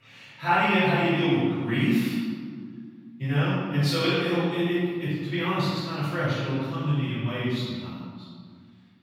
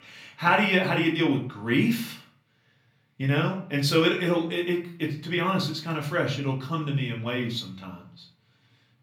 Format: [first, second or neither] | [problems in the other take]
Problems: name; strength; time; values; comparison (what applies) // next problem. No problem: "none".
second | room echo; strong; dies away in 1.7 s; slight in the second // off-mic speech; far; far in the second